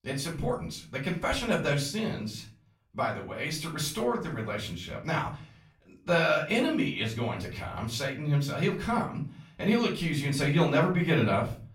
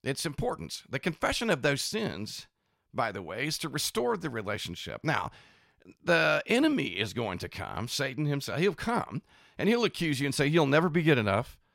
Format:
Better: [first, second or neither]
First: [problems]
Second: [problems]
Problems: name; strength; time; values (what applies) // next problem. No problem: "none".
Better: second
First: off-mic speech; far // room echo; slight; dies away in 0.4 s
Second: none